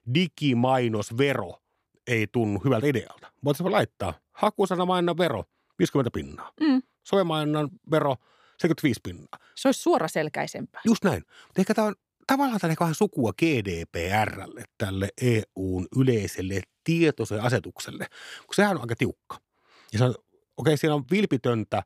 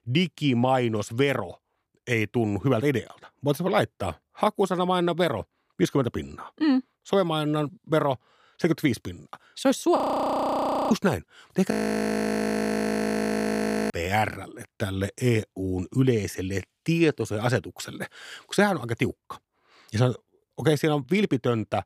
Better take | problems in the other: first | audio freezing; at 10 s for 1 s and at 12 s for 2 s

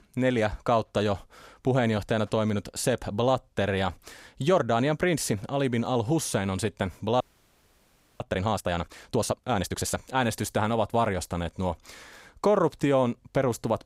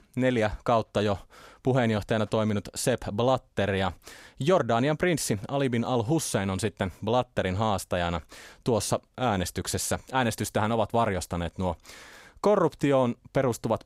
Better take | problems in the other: second | audio freezing; at 7 s for 1 s

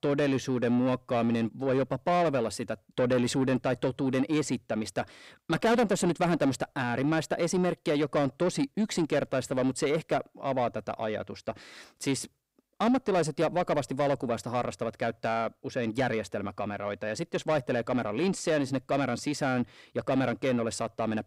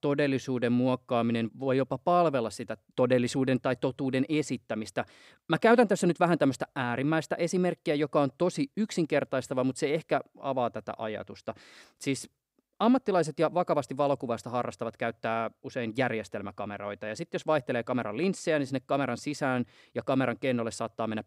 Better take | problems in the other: second | distortion; slight; 10 dB below the speech

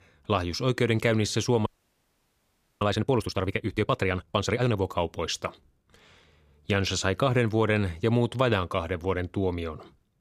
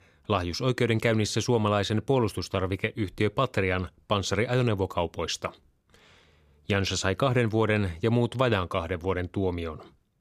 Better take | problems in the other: second | audio freezing; at 1.5 s for 1 s

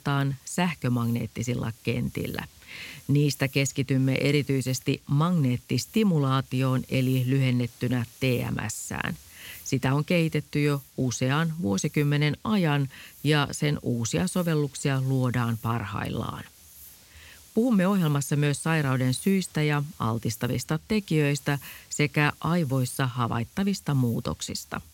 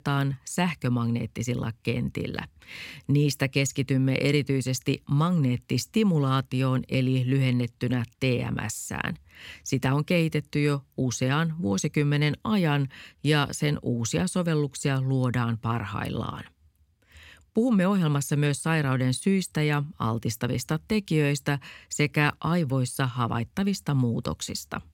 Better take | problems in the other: second | hiss; faint; throughout; 20 dB below the speech

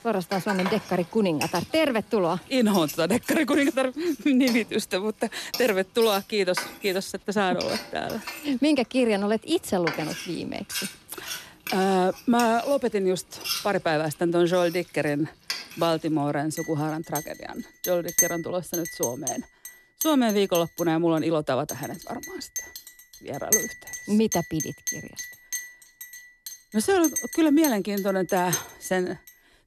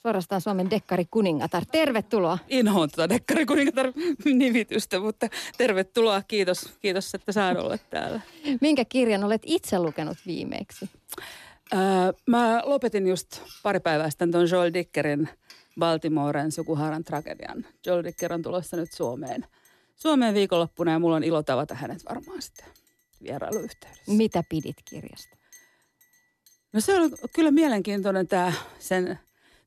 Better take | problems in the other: second | household noises; loud; throughout; 7 dB below the speech; faint in the second

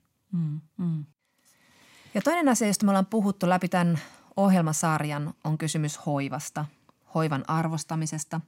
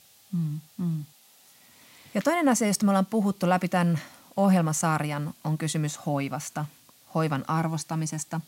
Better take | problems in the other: first | hiss; faint; throughout; 25 dB below the speech

